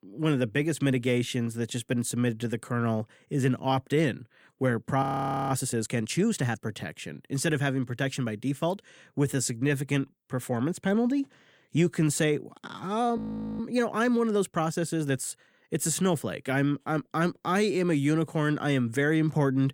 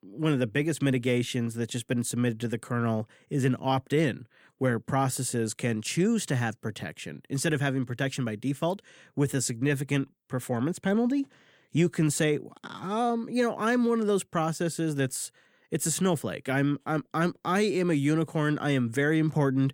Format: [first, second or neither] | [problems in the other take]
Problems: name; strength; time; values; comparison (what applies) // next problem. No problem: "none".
second | audio freezing; at 5 s and at 13 s